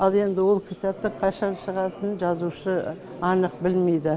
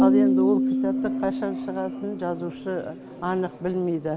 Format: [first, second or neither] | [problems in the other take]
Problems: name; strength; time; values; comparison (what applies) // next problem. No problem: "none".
first | background sound (Piano); 2 dB above the speech